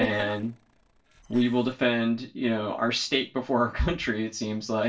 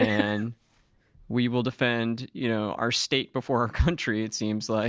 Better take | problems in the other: second | noise reduction (neural separator model SepFormer DNS4)

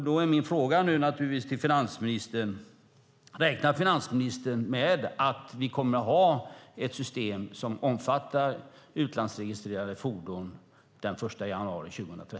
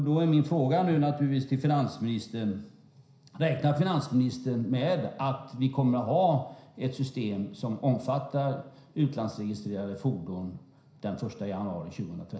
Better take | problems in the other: first | room echo; dies away in 0.5 s

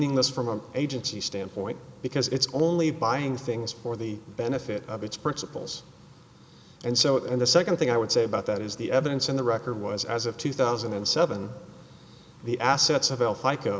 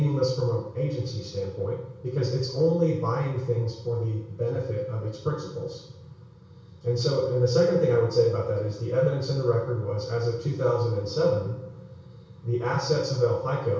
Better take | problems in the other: first | room echo; dies away in 0.6 s

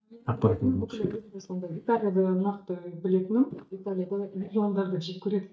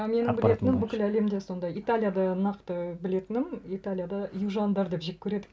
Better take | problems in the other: second | noise reduction (neural mask model DeepFilterNet 3)

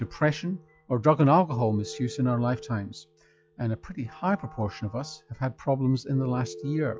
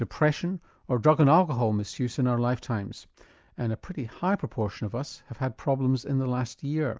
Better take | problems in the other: second | noise reduction (classical method log-MMSE)

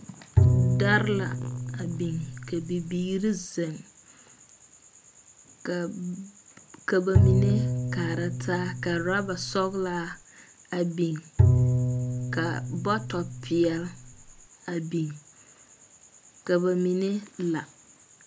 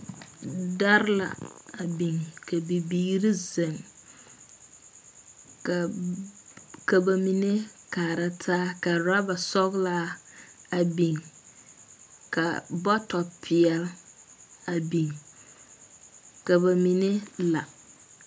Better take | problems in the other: second | background sound (Bowed string instrument); 4 dB above the speech

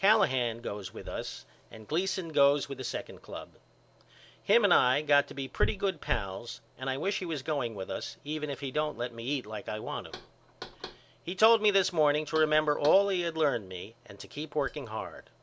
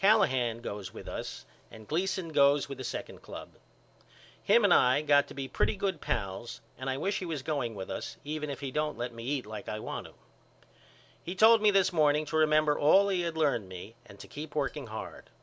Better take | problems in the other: second | background sound (Knock); 18 dB below the speech

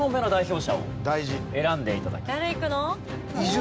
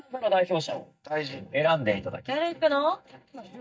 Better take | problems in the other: first | noise reduction (neural mask model DeepFilterNet 3)

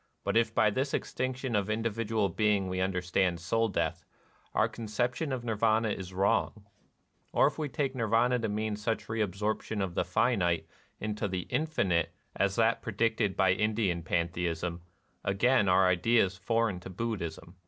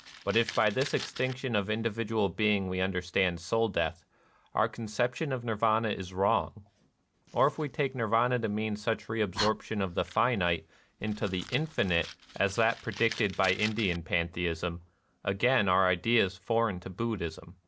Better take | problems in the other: first | background sound (Fire); 17 dB below the speech

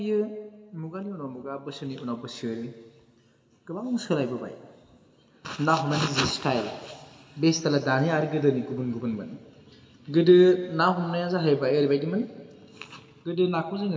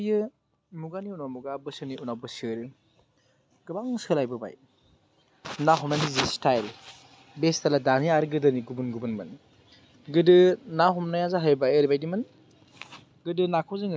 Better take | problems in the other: second | room echo; dies away in 2.8 s

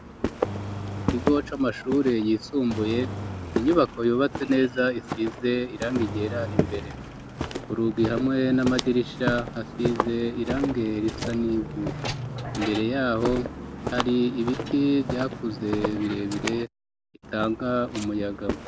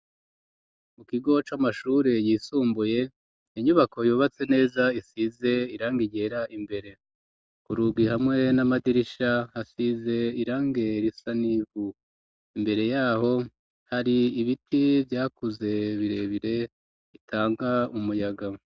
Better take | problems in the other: second | background sound (Engine + Walk, footsteps); 6 dB below the speech

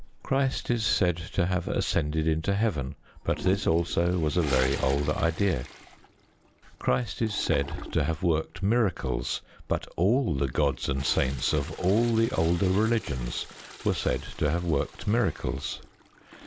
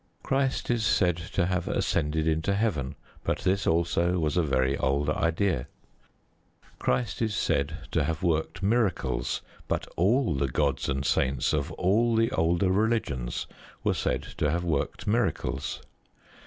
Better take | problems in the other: second | background sound (Toilet flush); 17 dB below the speech

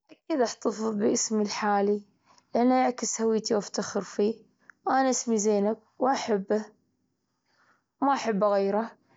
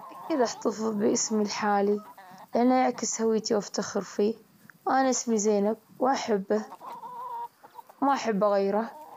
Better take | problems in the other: first | background sound (Chicken, rooster); 19 dB below the speech

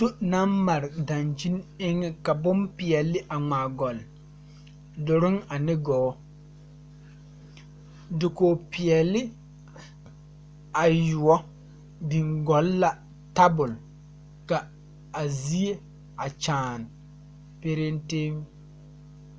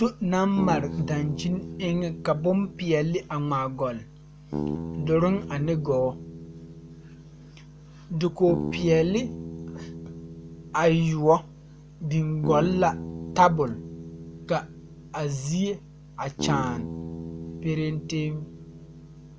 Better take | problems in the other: first | background sound (Bass guitar); 10 dB below the speech

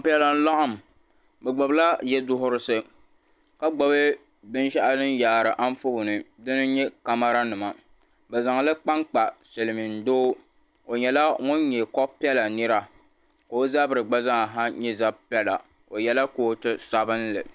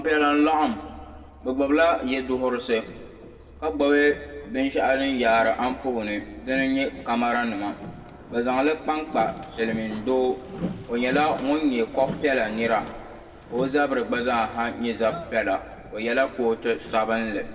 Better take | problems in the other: first | background sound (Boat, Water vehicle); 16 dB below the speech // room echo; dies away in 1.2 s

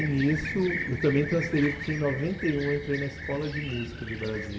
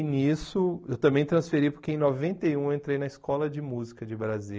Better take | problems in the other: second | background sound (Fixed-wing aircraft, airplane); 7 dB below the speech // room echo; dies away in 1.9 s

